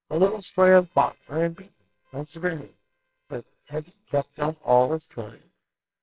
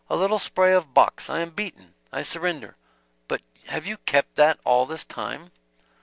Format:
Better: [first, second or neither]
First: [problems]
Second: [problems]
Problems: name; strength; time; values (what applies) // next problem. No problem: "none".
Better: second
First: noise reduction (neural separator model SepFormer WHAMR!)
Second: none